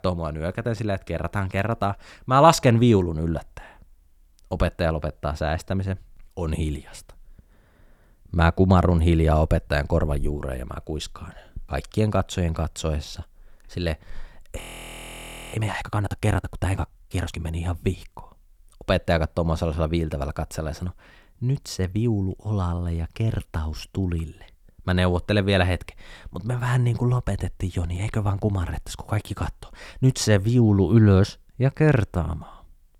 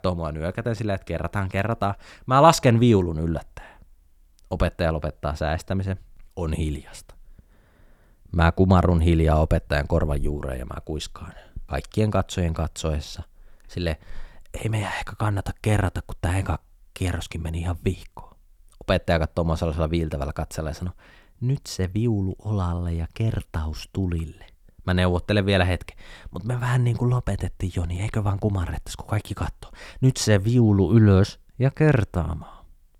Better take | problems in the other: second | audio freezing; at 15 s for 1 s

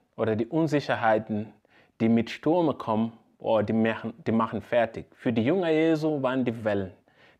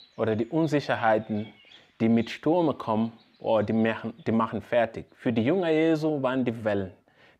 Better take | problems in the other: first | animal sounds; faint; throughout; 30 dB below the speech

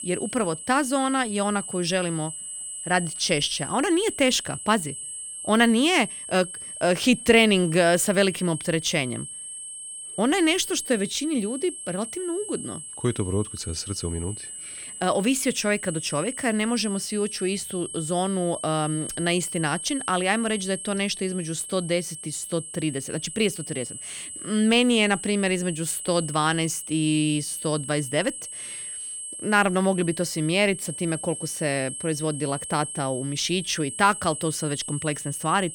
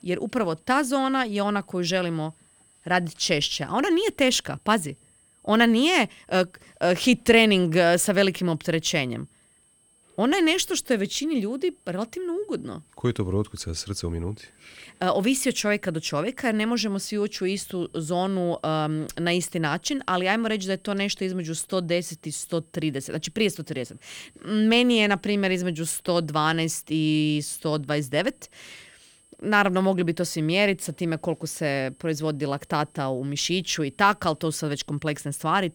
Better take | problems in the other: second | high-pitched whine; loud; throughout; 8 kHz, 9 dB below the speech; faint in the second

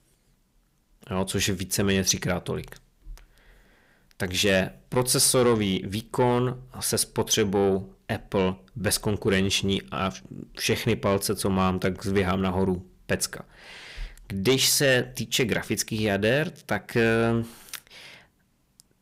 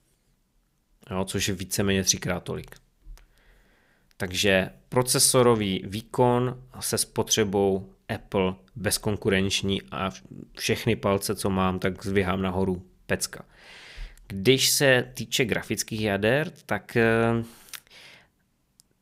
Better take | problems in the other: second | distortion; slight; 10 dB below the speech

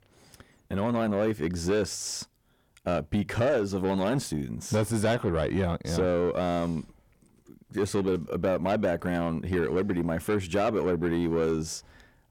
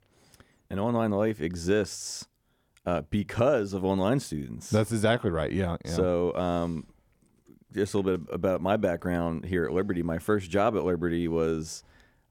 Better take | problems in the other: second | distortion; slight; 10 dB below the speech

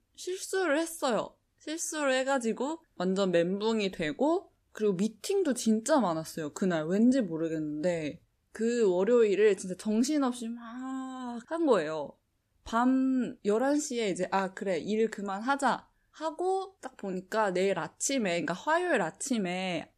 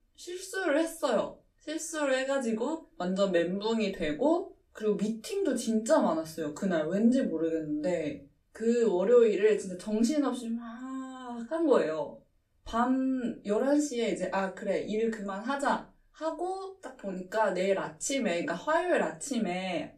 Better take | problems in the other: first | off-mic speech; far // room echo; very slight; dies away in 0.2 s

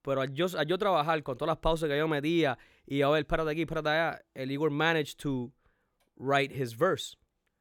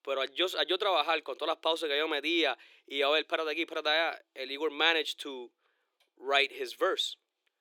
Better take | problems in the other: first | thin; very; fading below 350 Hz

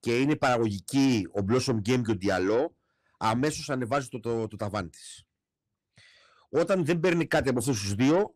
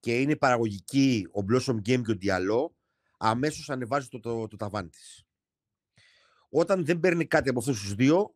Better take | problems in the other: second | distortion; slight; 10 dB below the speech

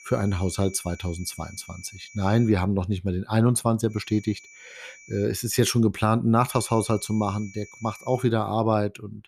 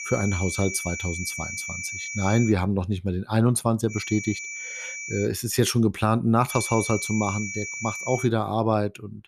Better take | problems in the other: first | high-pitched whine; loud; until 2.5 s, from 4 to 5.5 s and from 6.5 to 8.5 s; 2.5 kHz, 7 dB below the speech; faint in the first

